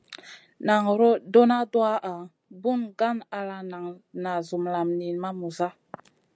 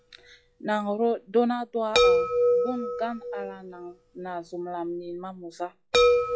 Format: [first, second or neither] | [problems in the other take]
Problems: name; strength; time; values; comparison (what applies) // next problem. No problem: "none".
first | noise reduction (classical method log-MMSE)